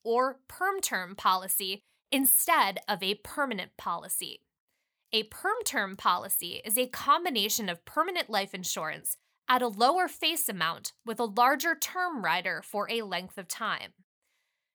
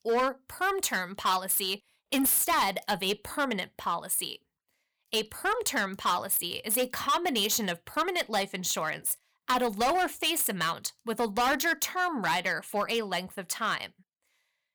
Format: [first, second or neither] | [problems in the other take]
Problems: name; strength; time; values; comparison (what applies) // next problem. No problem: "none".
first | distortion; heavy; 8% of the sound clipped